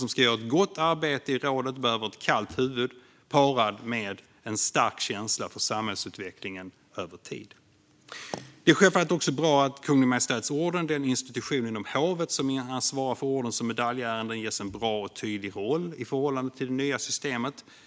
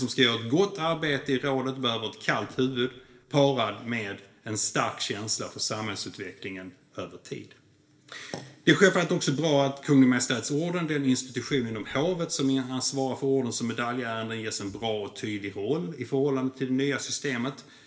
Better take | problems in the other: first | noise reduction (neural separator model SepFormer DNS4)

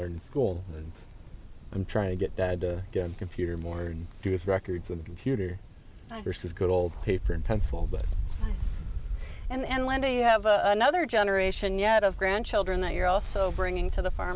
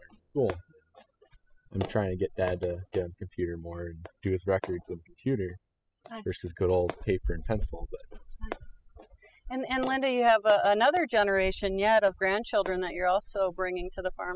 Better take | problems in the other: first | noise reduction (classical method spectral subtraction)

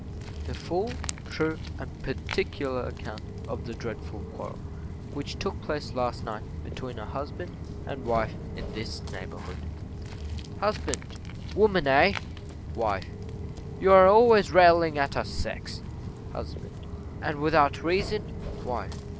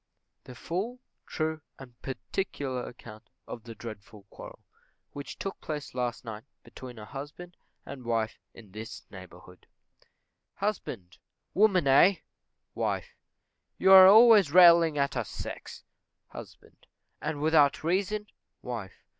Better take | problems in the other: second | background sound (Walk, footsteps); 8 dB below the speech

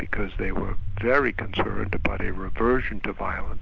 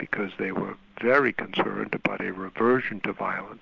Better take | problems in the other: second | background sound (Walk, footsteps); 1 dB above the speech

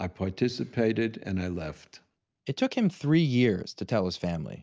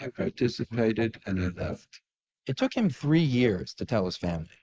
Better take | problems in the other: first | noise reduction (neural mask model Resemble Enhance denoiser)

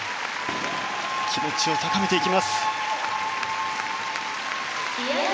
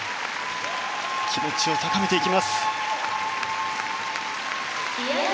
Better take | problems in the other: second | background sound (Fireworks); 16 dB below the speech

